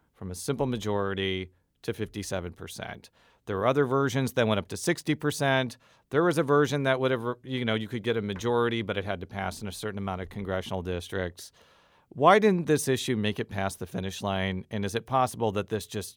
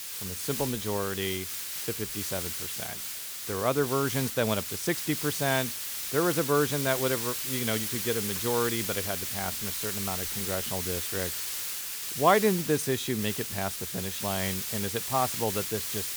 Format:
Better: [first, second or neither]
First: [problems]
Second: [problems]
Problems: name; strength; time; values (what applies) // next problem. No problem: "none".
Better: first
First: none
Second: hiss; loud; throughout; as loud as the speech